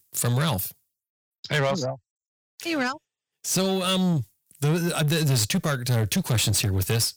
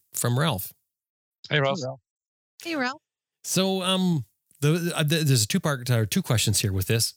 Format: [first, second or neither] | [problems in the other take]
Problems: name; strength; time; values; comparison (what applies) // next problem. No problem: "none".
second | distortion; slight; 10 dB below the speech